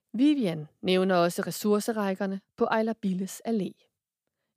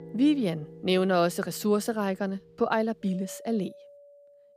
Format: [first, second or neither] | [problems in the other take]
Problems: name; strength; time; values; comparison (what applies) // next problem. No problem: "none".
first | background music; faint; throughout; 20 dB below the speech